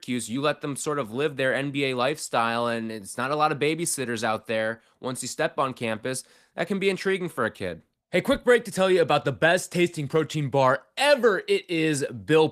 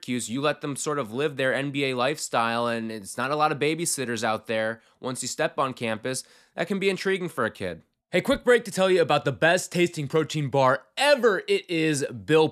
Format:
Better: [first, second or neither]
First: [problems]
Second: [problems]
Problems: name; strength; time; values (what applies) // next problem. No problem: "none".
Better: second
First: garbled, watery; slightly; nothing above 14.5 kHz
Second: none